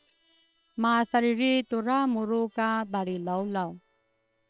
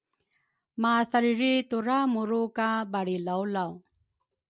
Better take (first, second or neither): second